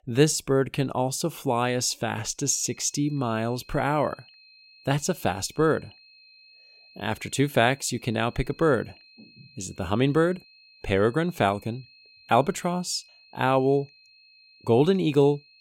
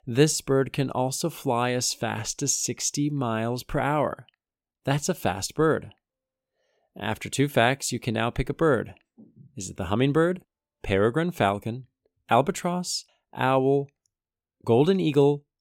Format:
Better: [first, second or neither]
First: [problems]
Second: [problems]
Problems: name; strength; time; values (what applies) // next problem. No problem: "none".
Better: second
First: high-pitched whine; faint; from 2.5 s on; 4 kHz, 25 dB below the speech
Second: none